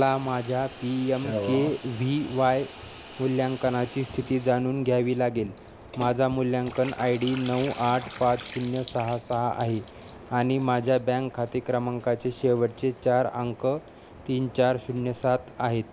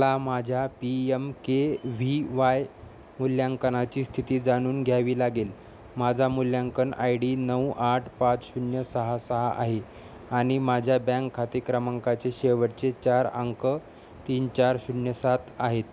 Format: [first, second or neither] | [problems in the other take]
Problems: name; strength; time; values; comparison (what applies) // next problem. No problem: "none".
second | background sound (Bathtub (filling or washing) / Water tap, faucet); 16 dB below the speech